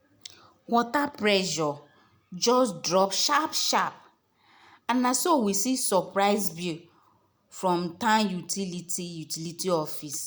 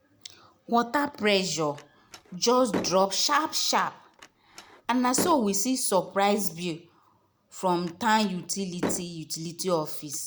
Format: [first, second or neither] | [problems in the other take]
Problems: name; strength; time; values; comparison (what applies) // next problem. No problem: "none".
first | background sound (Slam); 11 dB below the speech